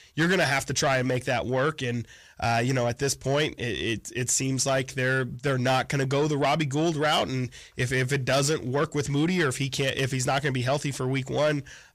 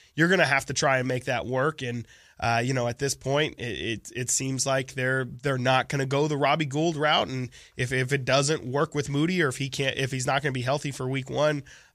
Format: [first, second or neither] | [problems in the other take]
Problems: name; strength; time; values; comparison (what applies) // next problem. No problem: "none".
second | distortion; slight; 10 dB below the speech